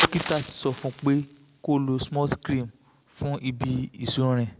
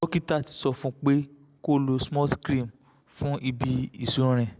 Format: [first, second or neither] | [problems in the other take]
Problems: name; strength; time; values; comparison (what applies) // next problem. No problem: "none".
second | background sound (Fire); 8 dB below the speech